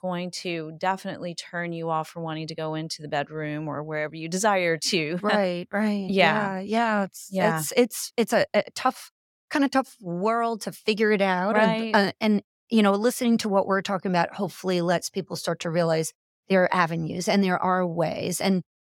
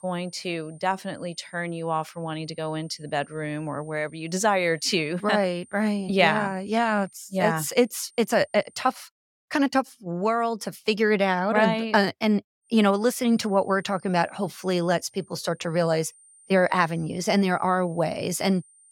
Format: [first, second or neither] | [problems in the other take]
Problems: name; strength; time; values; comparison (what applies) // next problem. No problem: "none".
first | high-pitched whine; faint; until 9 s and from 13 s on; 9 kHz, 30 dB below the speech